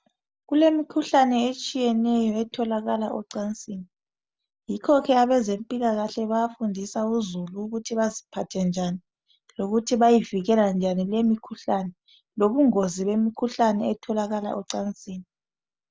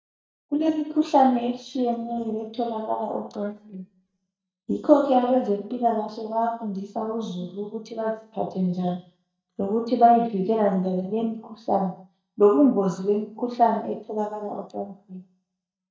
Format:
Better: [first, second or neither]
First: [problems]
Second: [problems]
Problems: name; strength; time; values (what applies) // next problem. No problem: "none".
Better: first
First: none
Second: noise reduction (neural mask model DeepFilterNet 3)